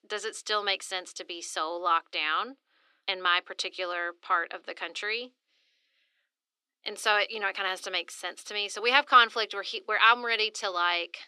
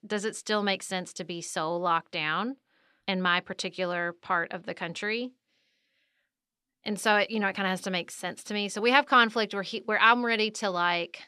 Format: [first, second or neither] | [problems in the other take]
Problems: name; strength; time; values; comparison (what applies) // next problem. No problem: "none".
second | thin; very; fading below 300 Hz